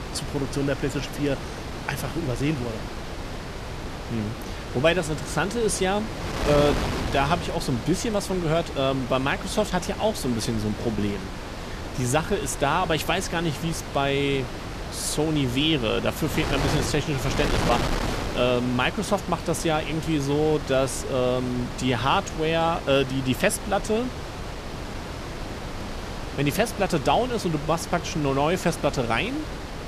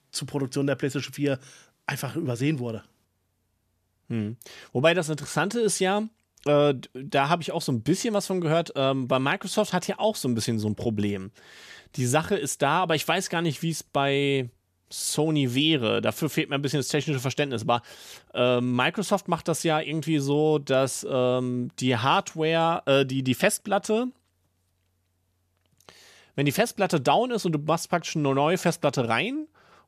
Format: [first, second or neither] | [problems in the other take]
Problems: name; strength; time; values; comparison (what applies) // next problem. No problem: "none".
second | wind noise on the microphone; heavy; 8 dB below the speech